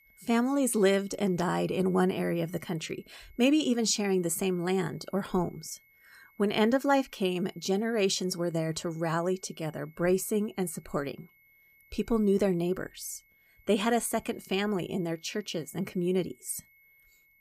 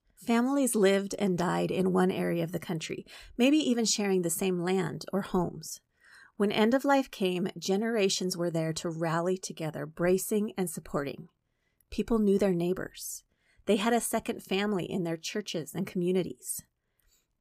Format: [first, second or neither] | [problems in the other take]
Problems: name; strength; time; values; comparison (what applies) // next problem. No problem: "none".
second | high-pitched whine; faint; throughout; 2 kHz, 30 dB below the speech